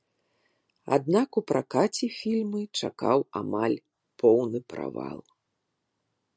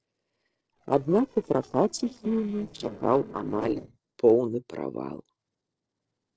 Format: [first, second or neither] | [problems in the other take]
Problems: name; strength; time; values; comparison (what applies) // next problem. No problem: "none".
first | noise reduction (neural separator model SepFormer DNS4)